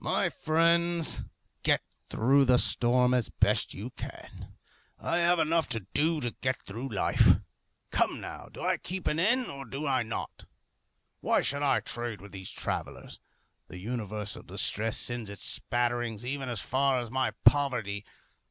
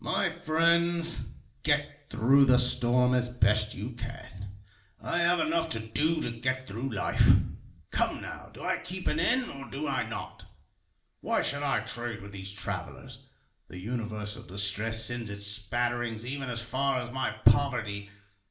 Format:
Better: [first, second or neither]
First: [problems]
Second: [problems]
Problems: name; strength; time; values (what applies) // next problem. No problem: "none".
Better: first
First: none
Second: room echo; dies away in 0.5 s